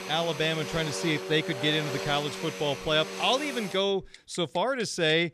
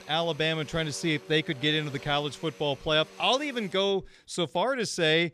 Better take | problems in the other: second | household noises; loud; throughout; 8 dB below the speech; faint in the second

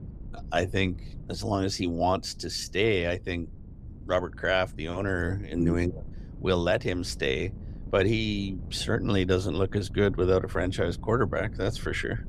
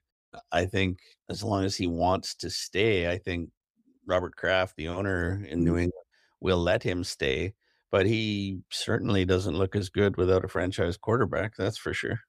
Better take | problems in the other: second | wind noise on the microphone; occasional gusts; 25 dB below the speech

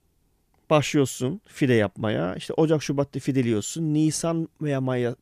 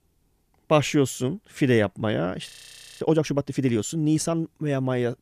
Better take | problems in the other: first | audio freezing; at 2.5 s for 0.5 s

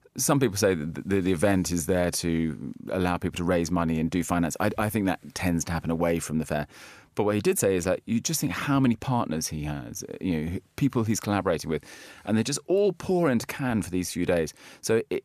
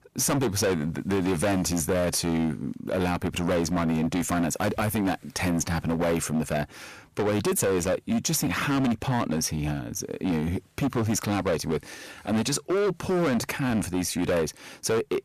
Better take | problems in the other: first | distortion; heavy; 18% of the sound clipped

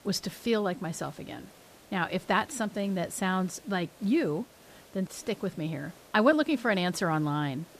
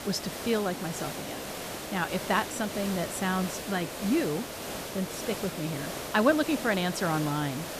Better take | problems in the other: first | hiss; loud; throughout; 6 dB below the speech; faint in the first

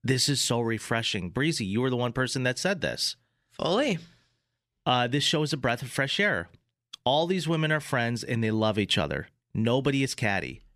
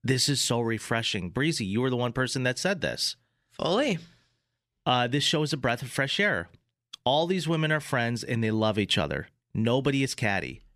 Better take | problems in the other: neither | none

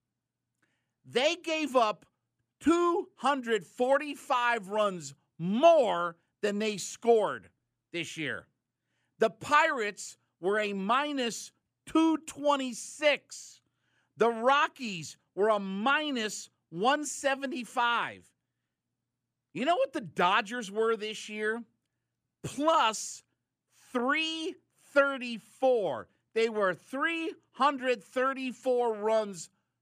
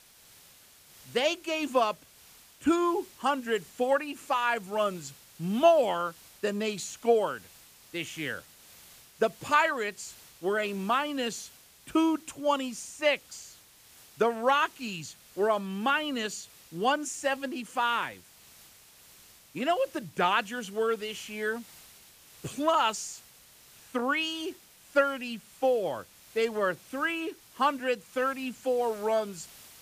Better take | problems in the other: first | hiss; faint; throughout; 25 dB below the speech

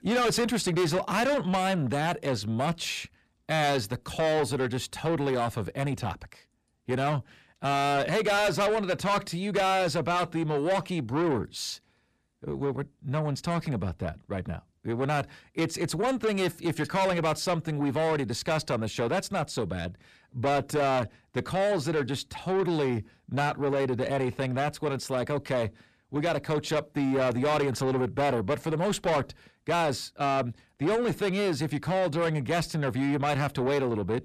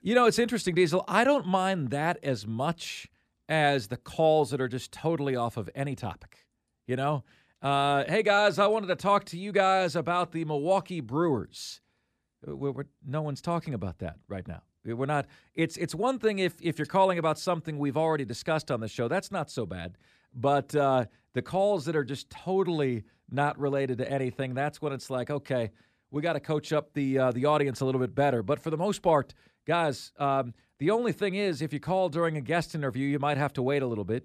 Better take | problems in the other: second | distortion; heavy; 7 dB below the speech

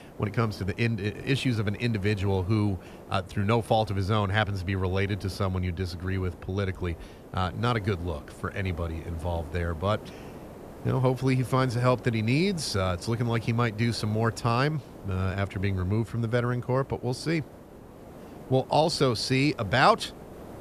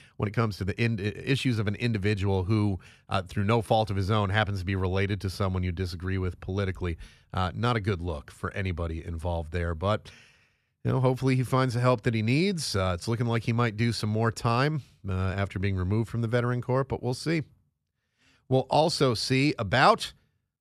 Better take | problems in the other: second | hiss; noticeable; throughout; 20 dB below the speech

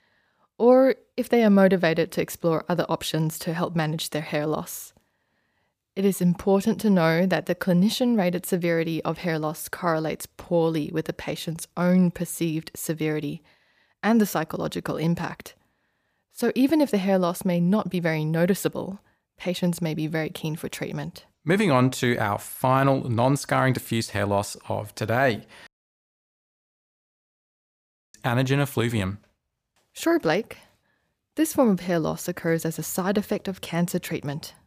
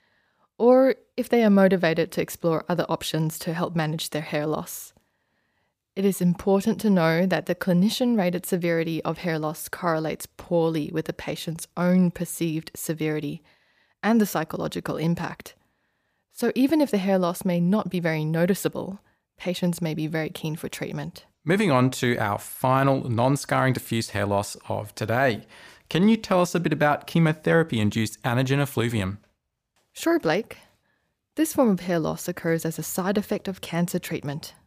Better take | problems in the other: second | audio cutting out; at 26 s for 2.5 s

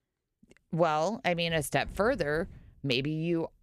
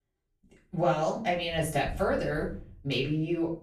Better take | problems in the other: first | room echo; slight; dies away in 0.3 s // off-mic speech; far

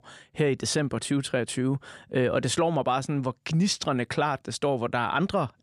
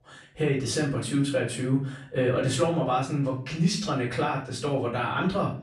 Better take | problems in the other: first | off-mic speech; far // room echo; slight; dies away in 0.4 s

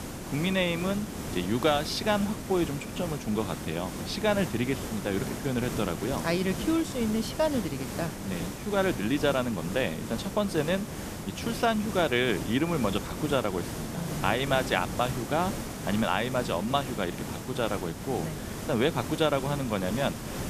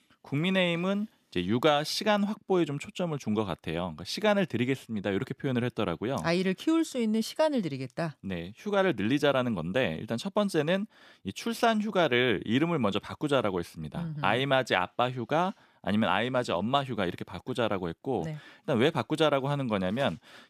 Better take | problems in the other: second | hiss; loud; throughout; 7 dB below the speech

